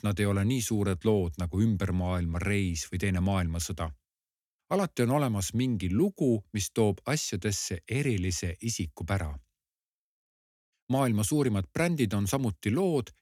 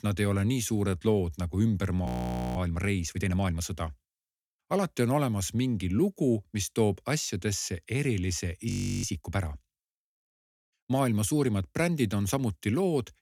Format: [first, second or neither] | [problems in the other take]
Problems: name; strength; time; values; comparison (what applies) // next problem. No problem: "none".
first | audio freezing; at 2 s for 0.5 s and at 8.5 s